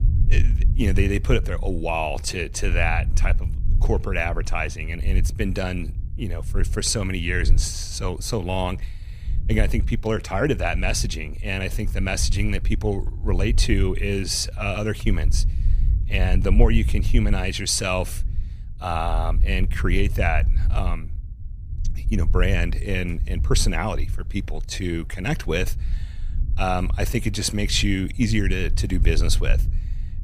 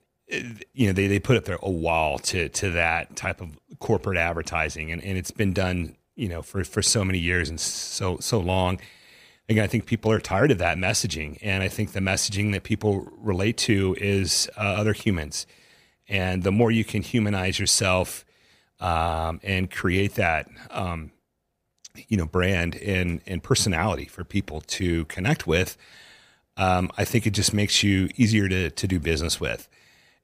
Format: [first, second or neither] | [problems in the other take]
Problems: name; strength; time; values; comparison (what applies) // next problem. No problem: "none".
second | low rumble; noticeable; throughout; 20 dB below the speech